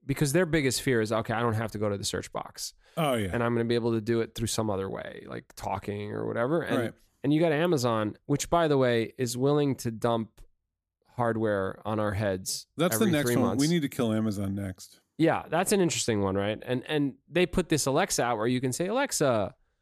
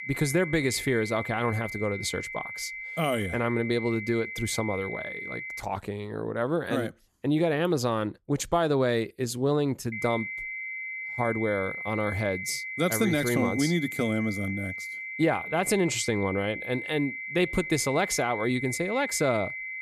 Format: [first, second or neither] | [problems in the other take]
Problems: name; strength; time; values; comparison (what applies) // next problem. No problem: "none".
first | high-pitched whine; loud; until 5.5 s and from 10 s on; 2 kHz, 6 dB below the speech